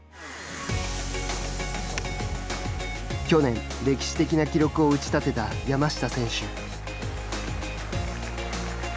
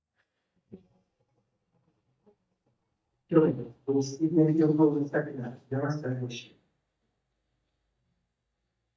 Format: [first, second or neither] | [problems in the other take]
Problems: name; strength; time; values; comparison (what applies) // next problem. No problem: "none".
first | noise reduction (neural mask model DeepFilterNet 3)